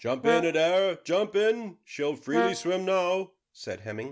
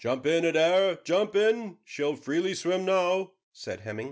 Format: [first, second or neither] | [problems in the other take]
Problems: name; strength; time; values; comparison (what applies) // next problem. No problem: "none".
second | background sound (Brass instrument); 7 dB below the speech